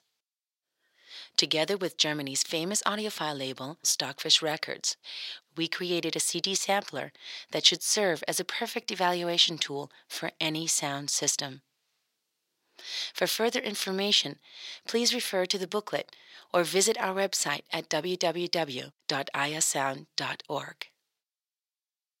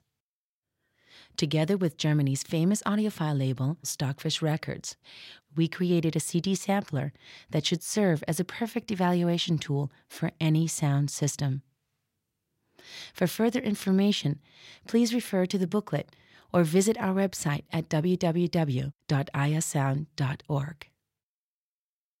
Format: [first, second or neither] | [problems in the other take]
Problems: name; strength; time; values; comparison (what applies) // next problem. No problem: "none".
second | thin; somewhat; fading below 450 Hz